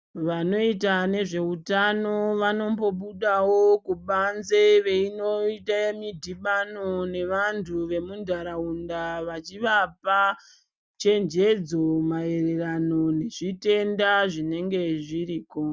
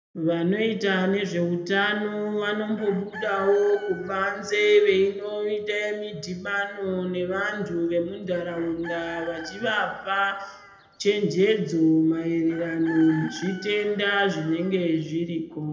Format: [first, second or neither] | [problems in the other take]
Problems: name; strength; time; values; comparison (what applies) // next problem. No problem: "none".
first | background sound (Chicken, rooster); 17 dB below the speech // room echo; dies away in 0.8 s